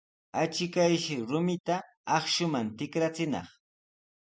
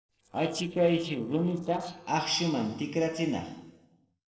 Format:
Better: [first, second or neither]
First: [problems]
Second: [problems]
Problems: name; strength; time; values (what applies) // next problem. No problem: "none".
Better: first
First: none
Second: noise reduction (neural separator model SepFormer DNS4)